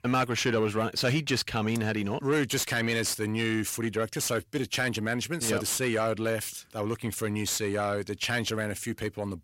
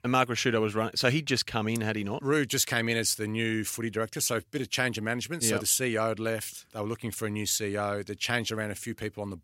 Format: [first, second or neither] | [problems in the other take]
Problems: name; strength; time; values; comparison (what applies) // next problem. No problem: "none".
second | distortion; slight; 10 dB below the speech